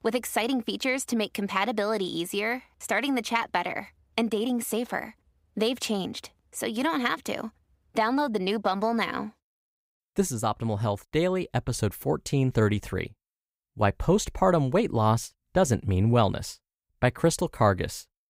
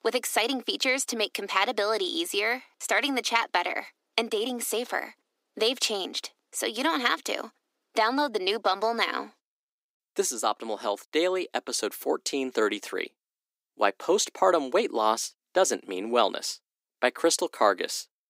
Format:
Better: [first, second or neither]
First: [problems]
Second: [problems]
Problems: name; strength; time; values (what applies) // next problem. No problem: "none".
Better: first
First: none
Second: thin; somewhat; fading below 300 Hz